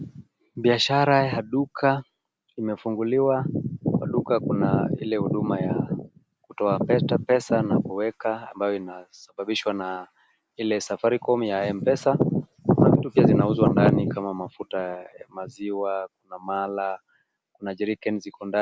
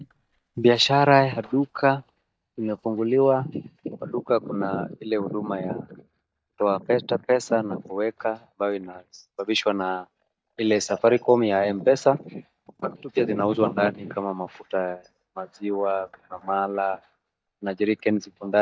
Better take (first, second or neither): first